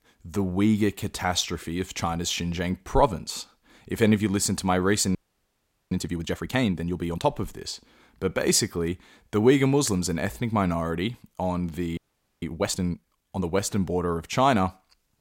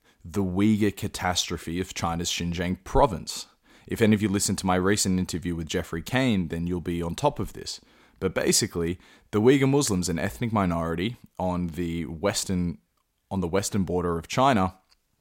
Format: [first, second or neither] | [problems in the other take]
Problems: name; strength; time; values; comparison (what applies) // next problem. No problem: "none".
second | audio freezing; at 5 s for 1 s and at 12 s